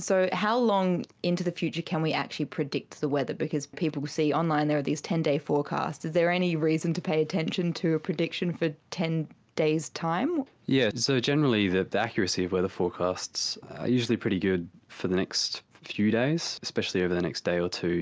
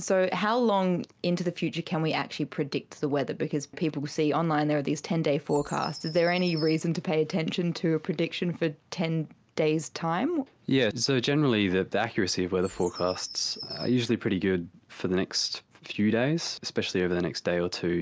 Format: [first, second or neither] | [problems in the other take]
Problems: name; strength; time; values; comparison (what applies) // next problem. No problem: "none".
first | background sound (Bird vocalization, bird call, bird song); 17 dB below the speech